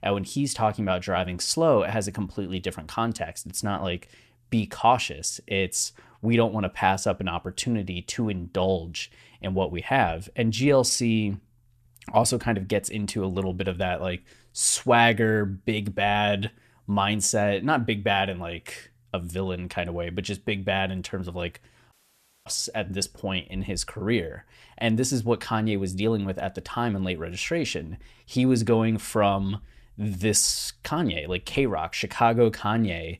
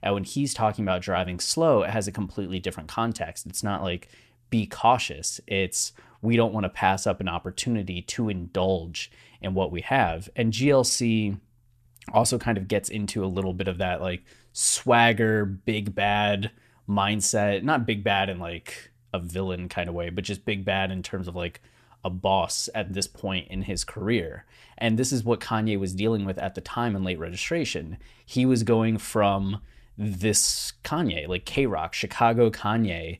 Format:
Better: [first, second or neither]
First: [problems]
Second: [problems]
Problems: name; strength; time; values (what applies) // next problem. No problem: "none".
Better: second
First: audio cutting out; at 22 s for 0.5 s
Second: none